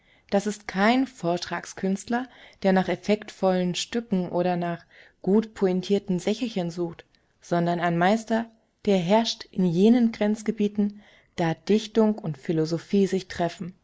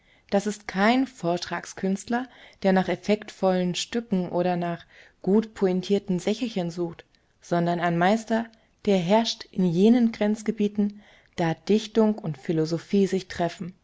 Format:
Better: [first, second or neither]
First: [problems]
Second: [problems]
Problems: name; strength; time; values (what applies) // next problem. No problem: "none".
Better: second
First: noise reduction (neural mask model Resemble Enhance denoiser)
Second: none